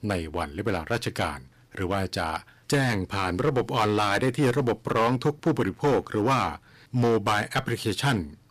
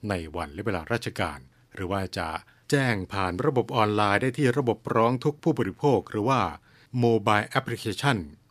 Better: second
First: distortion; heavy; 7% of the sound clipped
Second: none

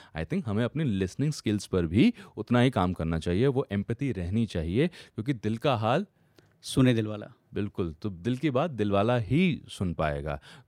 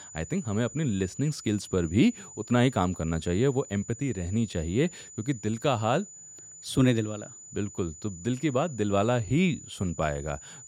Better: first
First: none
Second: high-pitched whine; noticeable; throughout; 7 kHz, 15 dB below the speech

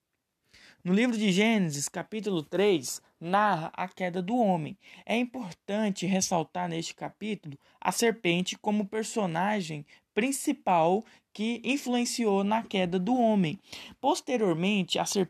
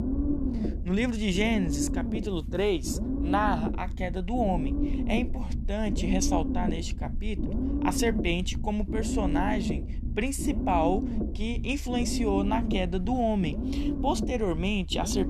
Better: first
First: none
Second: low rumble; loud; throughout; 6 dB below the speech

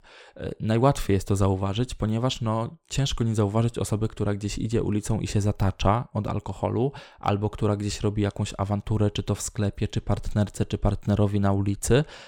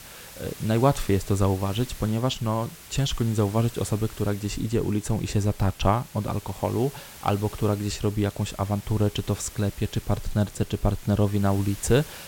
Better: first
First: none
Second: hiss; noticeable; throughout; 15 dB below the speech

